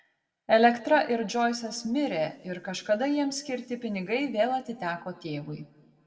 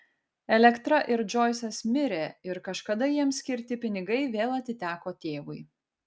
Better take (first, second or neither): second